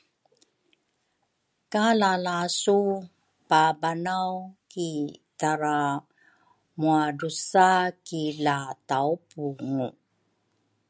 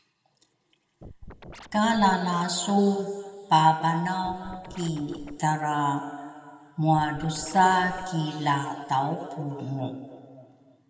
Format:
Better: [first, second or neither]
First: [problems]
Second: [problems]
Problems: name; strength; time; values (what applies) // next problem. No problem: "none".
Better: first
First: none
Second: background sound (Scratching (performance technique)); 17 dB below the speech // room echo; dies away in 2.2 s